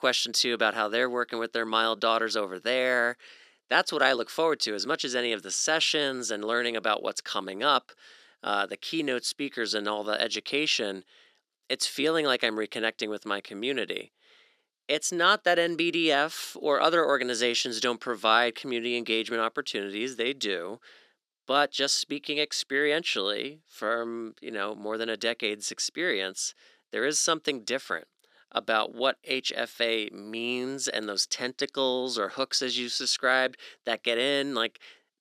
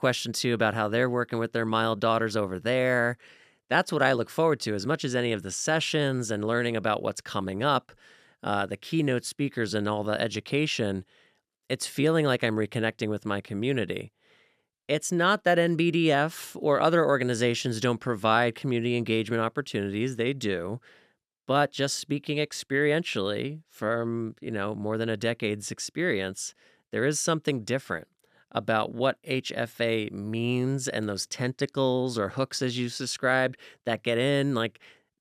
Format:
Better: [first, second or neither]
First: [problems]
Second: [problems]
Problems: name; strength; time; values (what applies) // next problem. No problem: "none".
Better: second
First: thin; somewhat; fading below 300 Hz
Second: none